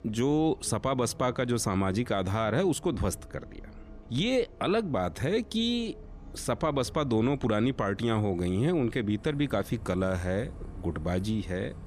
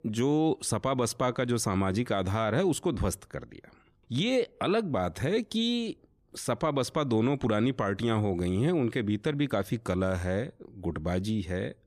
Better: second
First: traffic noise; noticeable; throughout; 20 dB below the speech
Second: none

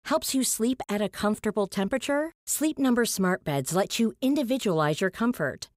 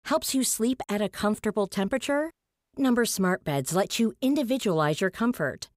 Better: first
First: none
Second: audio cutting out; at 2.5 s

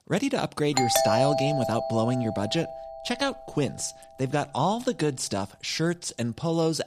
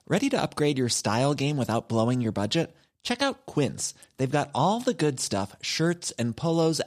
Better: second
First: doorbell; loud; from 1 to 3 s; peak 4 dB above the speech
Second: none

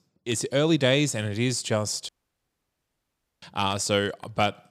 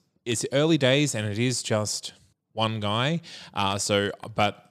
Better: second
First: audio cutting out; at 2 s for 1.5 s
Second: none

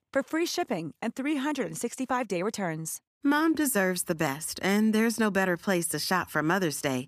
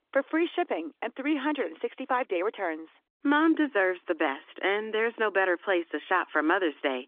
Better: first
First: none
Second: phone-call audio; nothing above 3.5 kHz

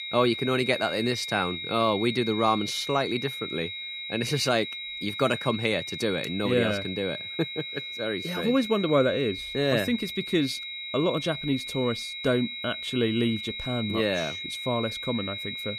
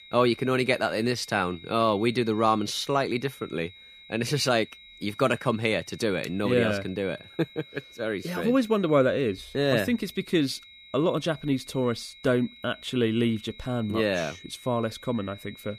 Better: second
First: high-pitched whine; loud; throughout; 4 kHz, 6 dB below the speech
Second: high-pitched whine; faint; throughout; 4 kHz, 20 dB below the speech

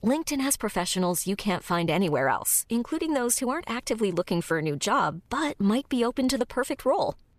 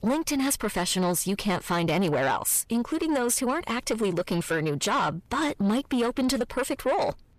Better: first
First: none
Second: distortion; slight; 10 dB below the speech

